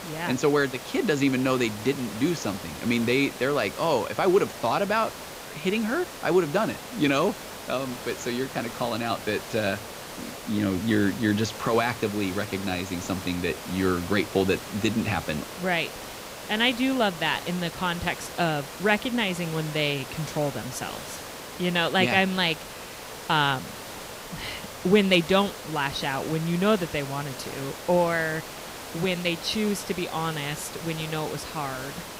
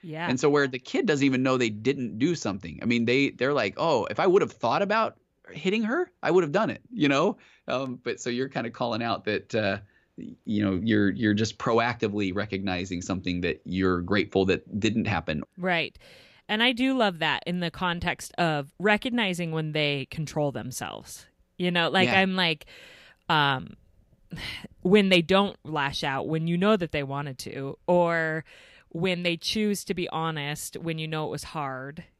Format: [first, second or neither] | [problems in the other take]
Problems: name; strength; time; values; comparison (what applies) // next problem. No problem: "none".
second | hiss; noticeable; throughout; 10 dB below the speech